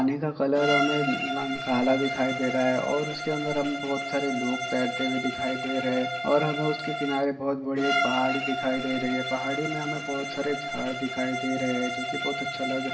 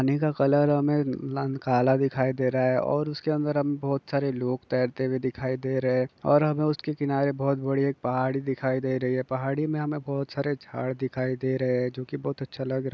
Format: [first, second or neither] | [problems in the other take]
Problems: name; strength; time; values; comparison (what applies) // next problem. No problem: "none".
second | background sound (Bowed string instrument); 3 dB below the speech // room echo; dies away in 2.6 s